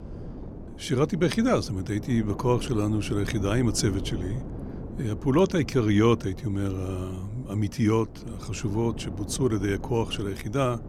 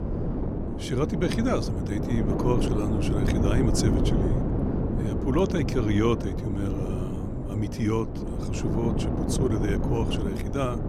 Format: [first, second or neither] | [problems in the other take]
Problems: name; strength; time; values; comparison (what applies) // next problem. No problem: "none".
first | wind noise on the microphone; heavy; 2 dB below the speech; occasional gusts in the first